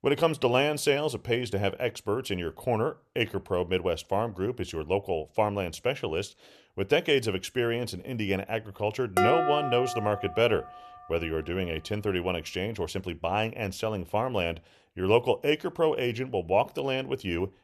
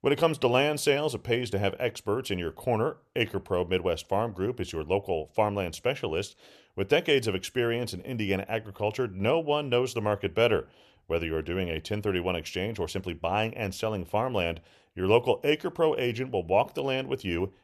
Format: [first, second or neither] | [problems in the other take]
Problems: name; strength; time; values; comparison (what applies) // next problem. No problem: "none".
second | clattering dishes; loud; from 9 to 10 s; peak 4 dB above the speech